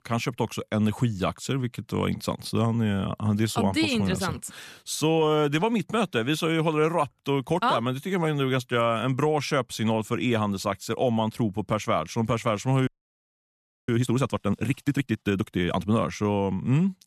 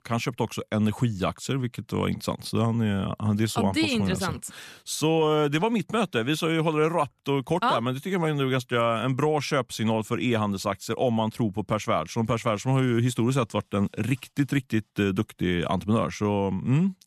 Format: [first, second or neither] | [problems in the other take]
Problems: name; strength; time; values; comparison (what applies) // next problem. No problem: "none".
second | audio freezing; at 13 s for 1 s